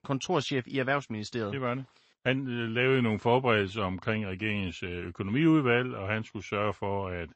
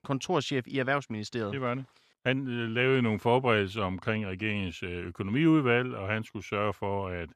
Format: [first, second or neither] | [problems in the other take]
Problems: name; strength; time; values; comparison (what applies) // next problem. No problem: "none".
second | garbled, watery; slightly; nothing above 7 kHz